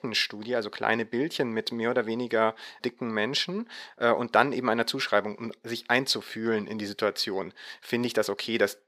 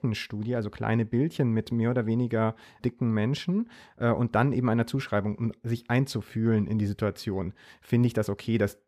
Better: second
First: thin; somewhat; fading below 400 Hz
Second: none

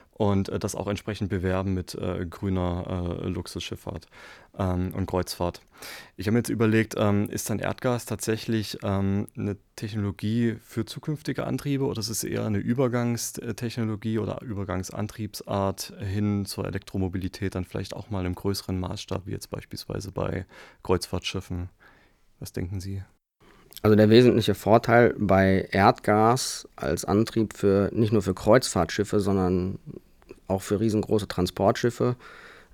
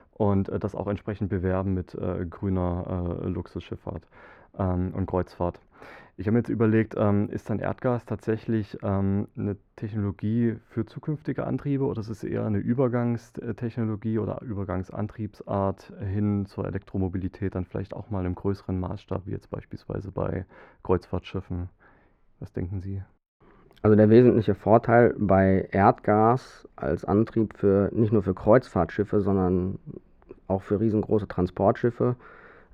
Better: first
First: none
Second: muffled; very; fading above 3.5 kHz

